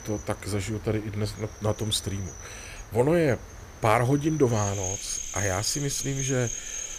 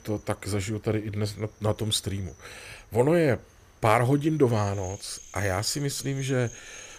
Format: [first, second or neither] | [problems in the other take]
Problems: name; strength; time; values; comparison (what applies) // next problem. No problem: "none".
second | animal sounds; loud; throughout; 8 dB below the speech; faint in the second